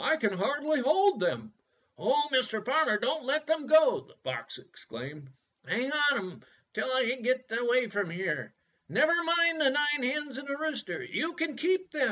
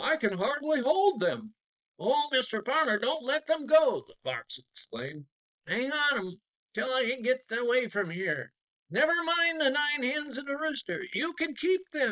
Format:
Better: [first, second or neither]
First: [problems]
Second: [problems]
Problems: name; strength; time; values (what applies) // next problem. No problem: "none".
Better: first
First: none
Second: noise reduction (neural mask model Resemble Enhance denoiser)